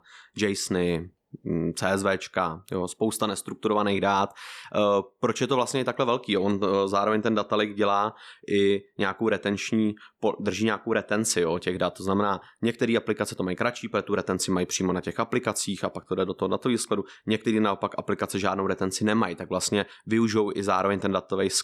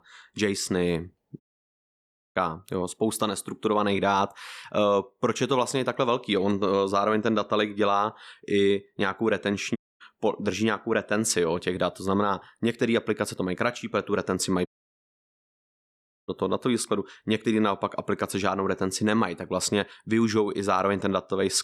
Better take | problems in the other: first | audio cutting out; at 1.5 s for 1 s, at 10 s and at 15 s for 1.5 s

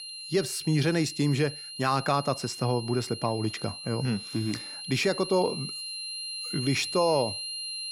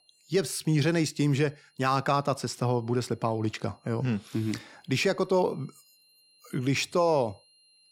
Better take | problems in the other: second | high-pitched whine; loud; throughout; 4 kHz, 7 dB below the speech; faint in the second

